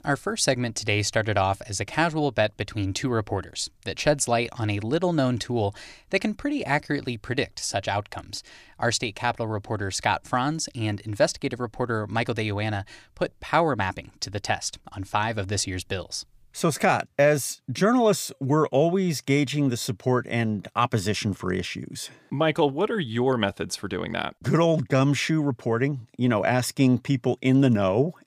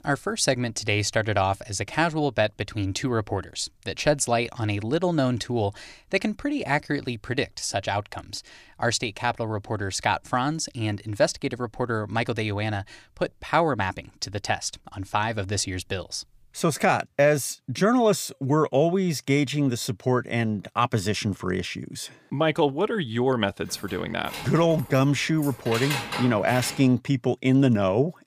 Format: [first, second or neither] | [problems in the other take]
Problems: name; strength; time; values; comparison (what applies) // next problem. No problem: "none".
first | jangling keys; noticeable; from 24 to 27 s; peak 3 dB below the speech